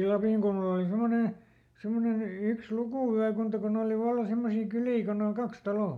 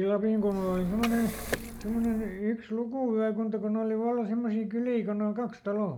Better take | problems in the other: first | background sound (Liquid); 9 dB below the speech

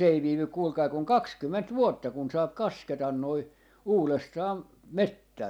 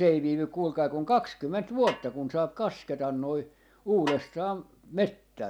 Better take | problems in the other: first | background sound (Snare drum); 12 dB below the speech

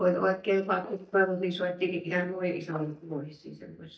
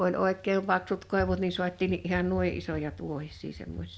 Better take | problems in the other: second | noise reduction (neural mask model DeepFilterNet 3)

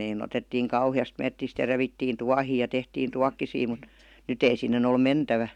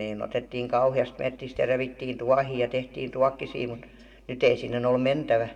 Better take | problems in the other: first | room echo; dies away in 1.2 s

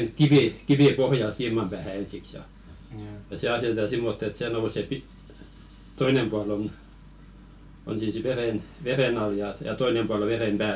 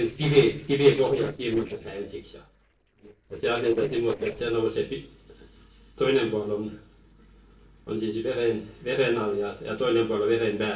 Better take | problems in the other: first | noise reduction (neural separator model SepFormer DNS4)

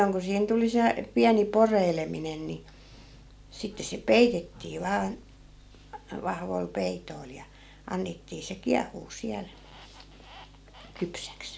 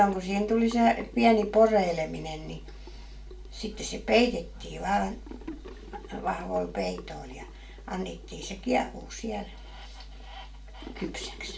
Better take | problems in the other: first | background sound (Sink (filling or washing) / Gurgling); 20 dB below the speech // room echo; dies away in 0.2 s

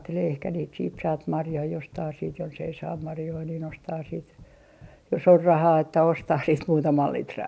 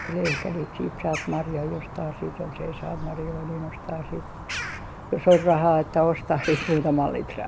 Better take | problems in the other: first | background sound (Bird vocalization, bird call, bird song); 10 dB below the speech

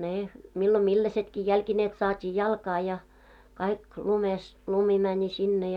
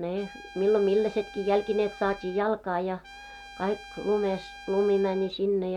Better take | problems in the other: first | background sound (Trumpet); 19 dB below the speech

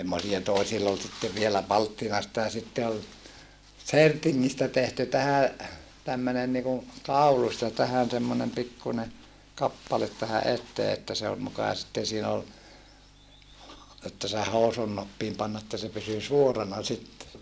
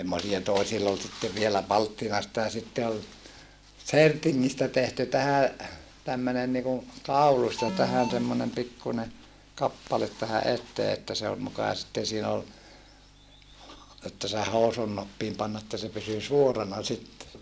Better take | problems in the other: first | background sound (Alarm); 5 dB below the speech

